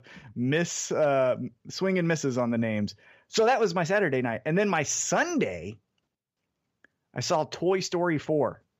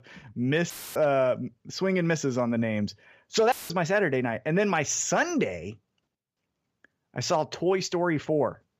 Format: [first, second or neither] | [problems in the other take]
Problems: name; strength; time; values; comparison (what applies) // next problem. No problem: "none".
first | audio cutting out; filled with static; at 0.5 s and at 3.5 s